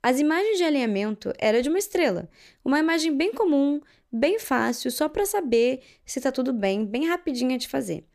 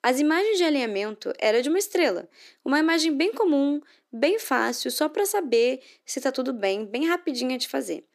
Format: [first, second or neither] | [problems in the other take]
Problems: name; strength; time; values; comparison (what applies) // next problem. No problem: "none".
first | thin; very slightly; fading below 300 Hz